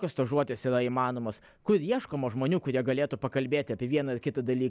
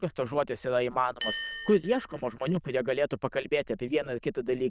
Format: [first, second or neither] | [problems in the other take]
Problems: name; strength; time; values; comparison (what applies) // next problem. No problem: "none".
first | noise reduction (neural diffusion model UNIVERSE++)